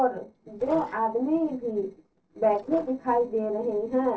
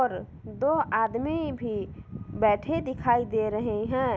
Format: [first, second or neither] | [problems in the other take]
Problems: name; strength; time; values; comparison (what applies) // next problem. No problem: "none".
second | noise reduction (neural separator model SepFormer DNS4)